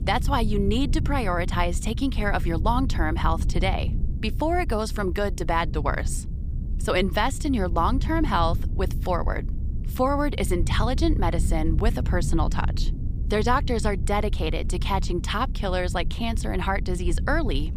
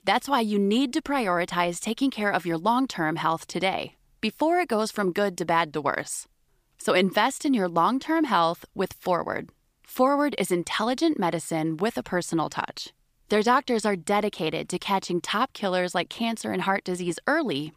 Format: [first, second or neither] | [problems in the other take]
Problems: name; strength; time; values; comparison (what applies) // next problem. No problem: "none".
second | low rumble; noticeable; throughout; 15 dB below the speech